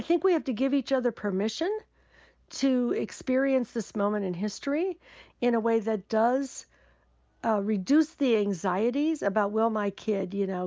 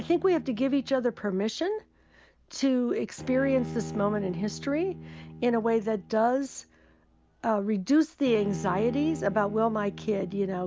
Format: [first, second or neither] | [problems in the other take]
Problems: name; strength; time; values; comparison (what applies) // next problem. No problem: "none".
first | background sound (Bowed string instrument); 14 dB below the speech